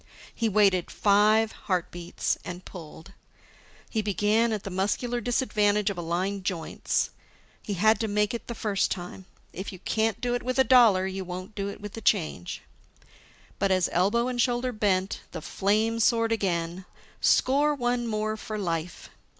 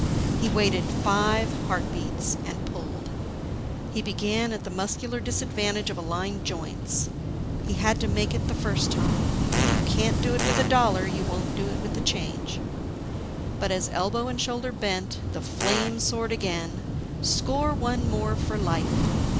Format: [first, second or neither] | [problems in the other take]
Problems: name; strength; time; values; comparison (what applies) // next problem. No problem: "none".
first | background sound (Waves, surf / Wind + Fart); 2 dB above the speech